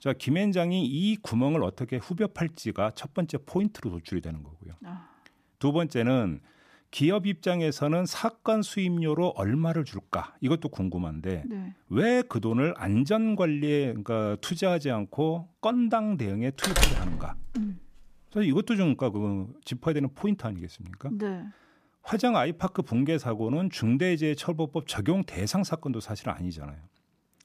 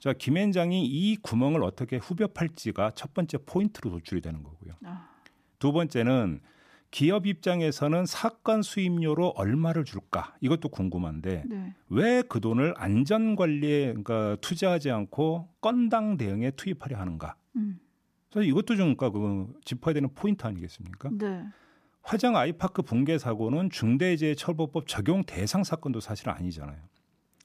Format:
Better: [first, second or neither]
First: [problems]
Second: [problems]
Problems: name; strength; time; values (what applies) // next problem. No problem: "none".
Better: second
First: door banging; loud; at 17 s; peak 4 dB above the speech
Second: none